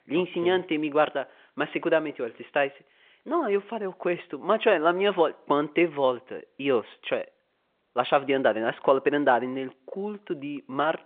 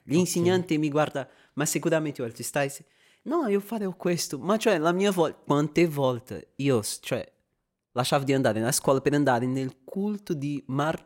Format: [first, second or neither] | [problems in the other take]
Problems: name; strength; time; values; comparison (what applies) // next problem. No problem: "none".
second | phone-call audio